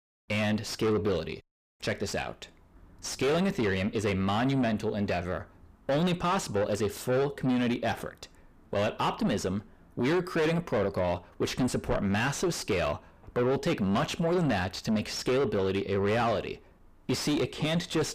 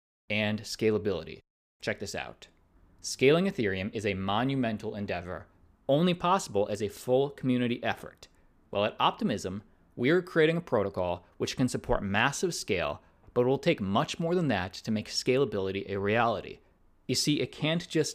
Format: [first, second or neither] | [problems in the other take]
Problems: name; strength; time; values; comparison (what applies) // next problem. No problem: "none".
second | distortion; heavy; 5 dB below the speech